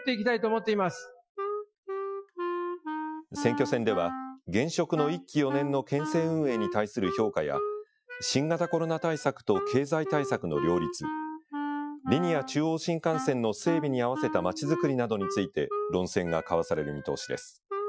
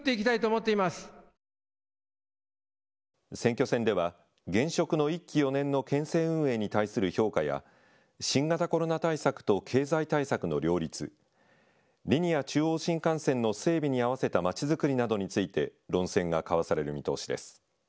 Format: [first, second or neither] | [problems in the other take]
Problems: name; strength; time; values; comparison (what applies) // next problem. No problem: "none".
second | noise reduction (classical method Wiener filter)